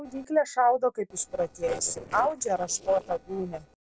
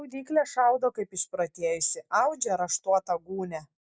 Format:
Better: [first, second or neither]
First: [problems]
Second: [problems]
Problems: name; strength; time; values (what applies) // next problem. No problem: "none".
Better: second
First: noise reduction (neural separator model SepFormer DNS4)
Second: none